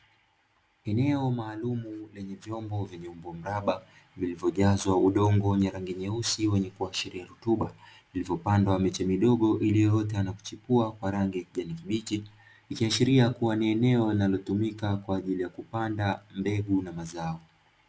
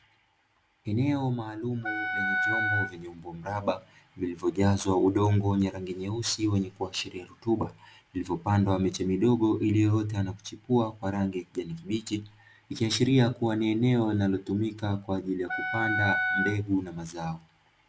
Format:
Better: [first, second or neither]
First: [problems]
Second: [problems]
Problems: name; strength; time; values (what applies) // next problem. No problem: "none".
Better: first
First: none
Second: background sound (Wind instrument, woodwind instrument); 3 dB below the speech